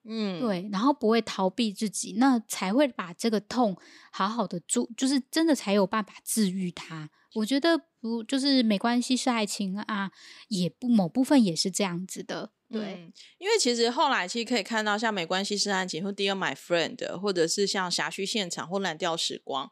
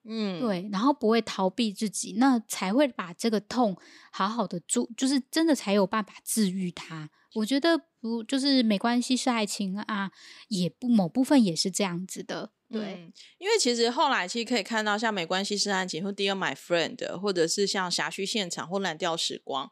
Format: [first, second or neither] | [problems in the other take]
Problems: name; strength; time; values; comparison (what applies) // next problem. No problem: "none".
neither | none